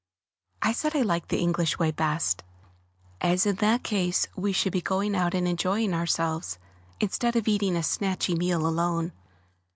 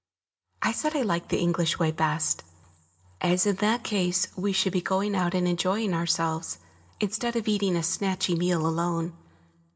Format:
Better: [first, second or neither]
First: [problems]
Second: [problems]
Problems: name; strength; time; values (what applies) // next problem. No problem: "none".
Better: first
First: none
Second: room echo; dies away in 0.2 s